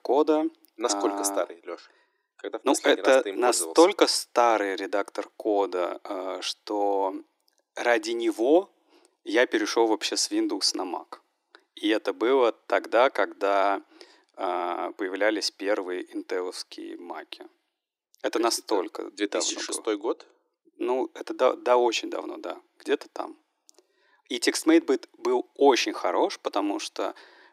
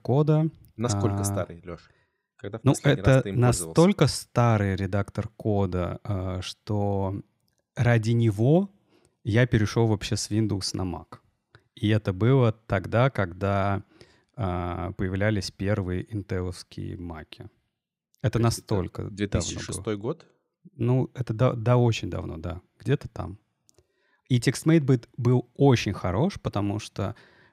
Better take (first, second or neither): second